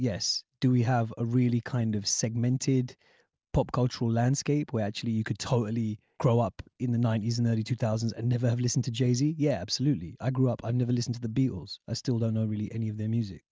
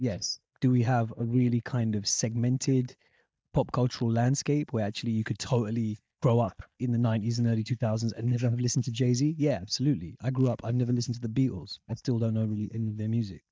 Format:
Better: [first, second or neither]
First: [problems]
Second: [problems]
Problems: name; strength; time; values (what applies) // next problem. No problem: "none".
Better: first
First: none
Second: noise reduction (neural mask model DeepFilterNet 3)